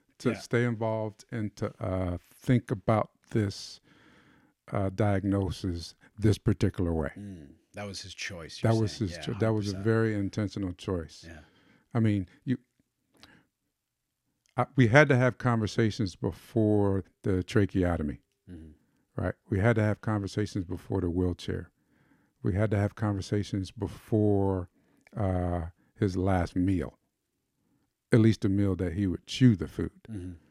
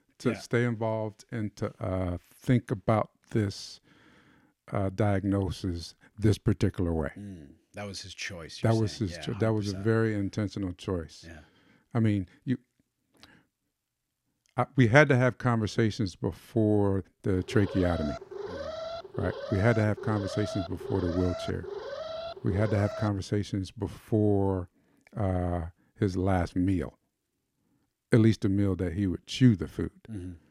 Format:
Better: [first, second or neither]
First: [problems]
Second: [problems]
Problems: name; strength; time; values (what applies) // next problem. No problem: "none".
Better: first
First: none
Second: alarm; noticeable; from 17 to 23 s; peak 8 dB below the speech